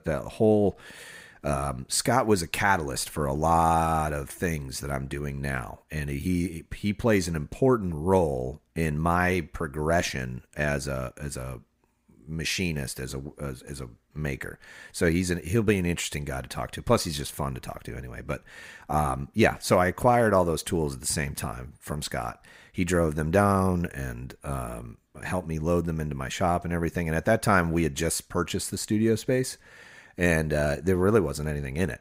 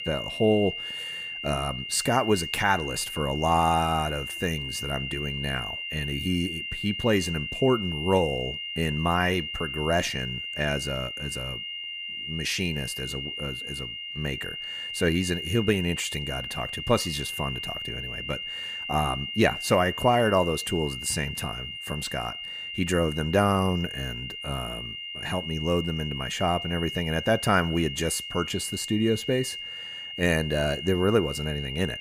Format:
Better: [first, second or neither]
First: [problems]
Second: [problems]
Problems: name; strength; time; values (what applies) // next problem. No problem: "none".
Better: first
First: none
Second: high-pitched whine; loud; throughout; 3 kHz, 6 dB below the speech